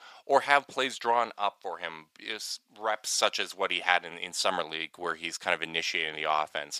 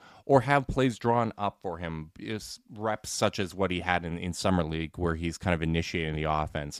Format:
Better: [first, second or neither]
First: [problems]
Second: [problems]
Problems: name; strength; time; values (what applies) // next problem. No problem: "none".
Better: second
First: thin; very; fading below 650 Hz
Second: none